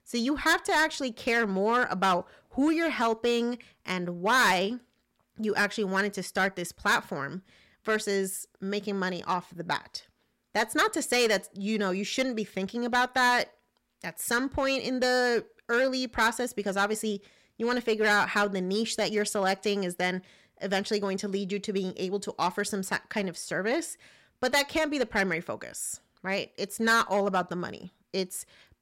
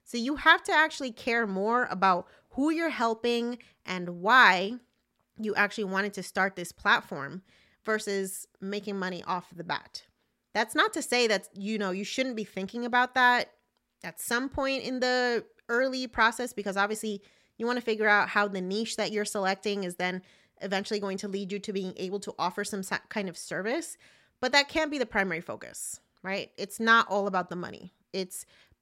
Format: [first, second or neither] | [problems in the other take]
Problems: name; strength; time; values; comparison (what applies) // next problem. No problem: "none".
second | distortion; heavy; 4% of the sound clipped